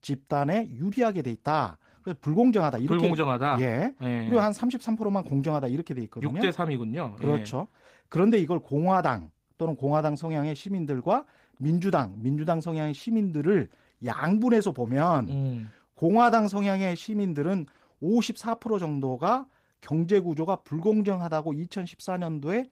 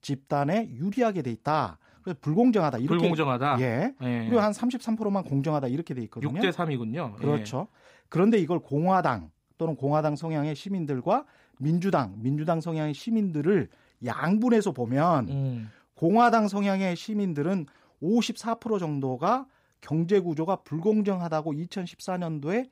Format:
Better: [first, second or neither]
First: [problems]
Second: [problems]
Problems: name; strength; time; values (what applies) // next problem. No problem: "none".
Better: second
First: garbled, watery; slightly; nothing above 15.5 kHz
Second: none